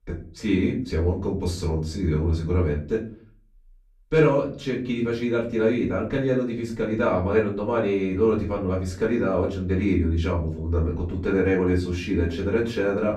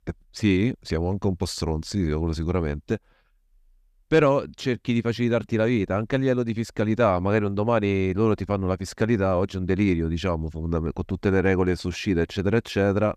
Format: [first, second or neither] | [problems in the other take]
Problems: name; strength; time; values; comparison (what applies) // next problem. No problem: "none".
second | room echo; slight; dies away in 0.4 s // off-mic speech; far